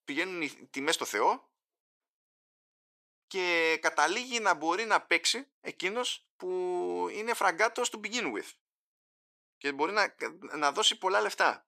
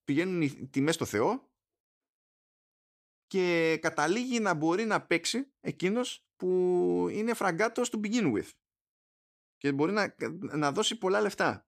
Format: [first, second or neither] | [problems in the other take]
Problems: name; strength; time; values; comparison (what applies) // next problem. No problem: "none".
second | thin; somewhat; fading below 550 Hz